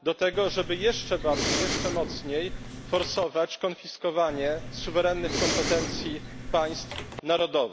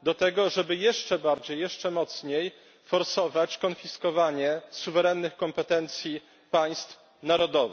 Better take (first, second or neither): second